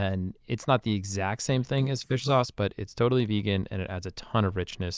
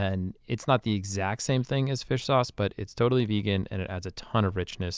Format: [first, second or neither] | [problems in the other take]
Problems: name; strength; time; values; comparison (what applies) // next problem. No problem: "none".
second | noise reduction (neural mask model Resemble Enhance denoiser)